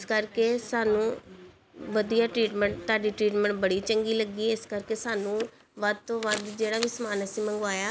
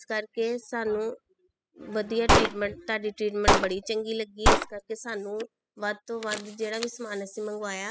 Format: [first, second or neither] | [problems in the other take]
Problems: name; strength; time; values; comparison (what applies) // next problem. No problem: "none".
first | noise reduction (classical method spectral subtraction)